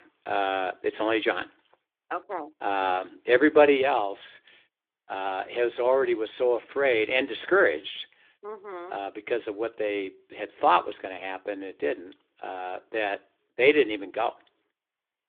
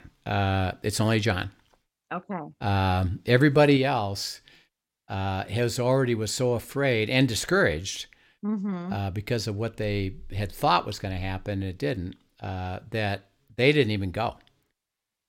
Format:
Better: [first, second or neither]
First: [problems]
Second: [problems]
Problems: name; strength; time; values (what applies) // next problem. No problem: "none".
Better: second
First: phone-call audio; nothing above 3.5 kHz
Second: none